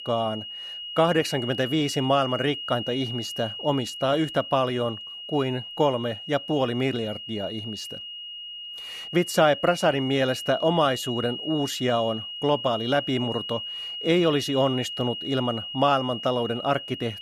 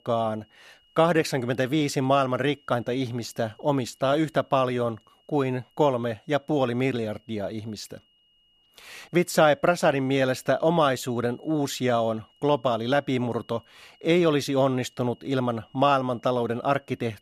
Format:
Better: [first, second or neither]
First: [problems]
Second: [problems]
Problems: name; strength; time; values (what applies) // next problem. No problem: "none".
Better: second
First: high-pitched whine; loud; throughout; 3 kHz, 8 dB below the speech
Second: high-pitched whine; faint; throughout; 3 kHz, 35 dB below the speech